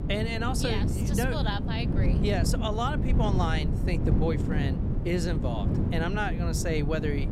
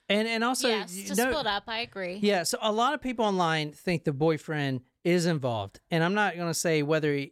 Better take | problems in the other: second | wind noise on the microphone; heavy; 6 dB below the speech

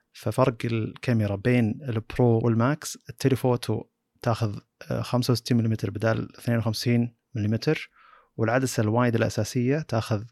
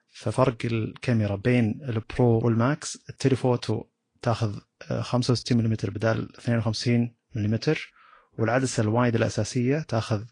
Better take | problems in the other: first | garbled, watery; slightly; nothing above 8 kHz

